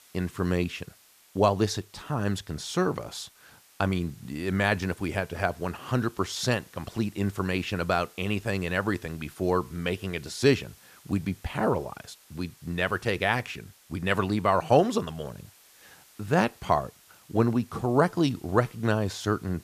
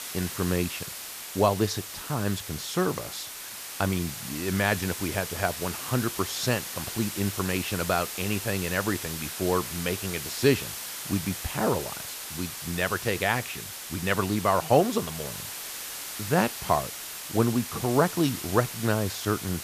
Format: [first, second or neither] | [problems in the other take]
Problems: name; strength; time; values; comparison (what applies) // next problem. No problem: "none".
first | hiss; loud; throughout; 6 dB below the speech; faint in the first